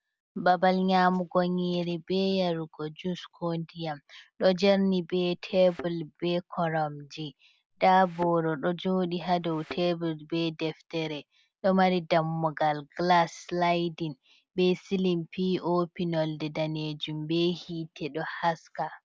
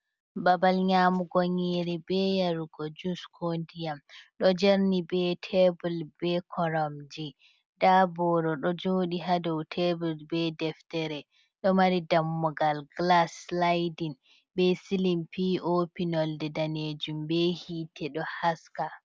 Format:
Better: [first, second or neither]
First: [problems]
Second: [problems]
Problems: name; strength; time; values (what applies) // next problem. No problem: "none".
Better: second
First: background sound (Thump, thud); 18 dB below the speech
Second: none